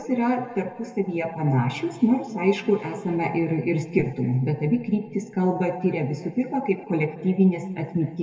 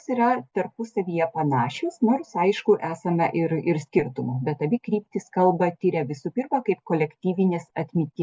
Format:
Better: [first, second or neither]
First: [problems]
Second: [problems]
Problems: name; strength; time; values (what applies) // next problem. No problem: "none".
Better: second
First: room echo; dies away in 1.9 s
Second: none